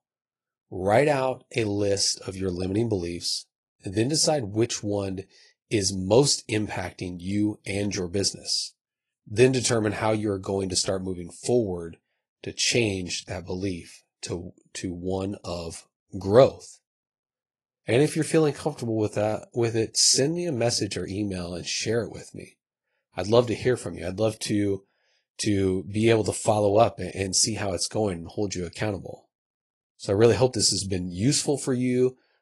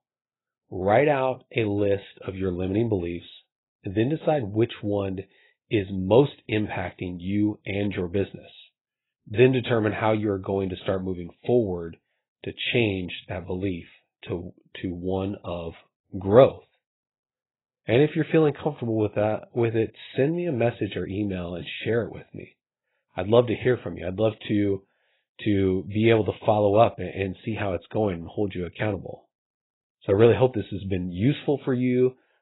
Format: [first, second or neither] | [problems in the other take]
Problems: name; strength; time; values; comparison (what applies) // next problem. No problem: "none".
first | garbled, watery; badly; nothing above 4 kHz; slightly in the first